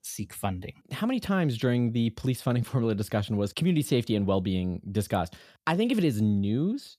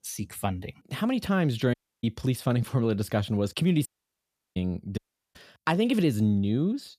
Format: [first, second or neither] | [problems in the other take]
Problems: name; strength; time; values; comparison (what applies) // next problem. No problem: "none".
first | audio cutting out; at 1.5 s, at 4 s for 0.5 s and at 5 s